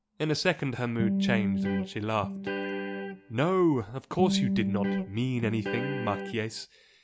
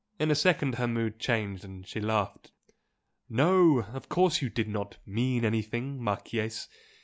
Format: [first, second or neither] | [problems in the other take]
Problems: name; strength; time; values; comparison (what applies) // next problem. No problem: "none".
second | background sound (Electric guitar); as loud as the speech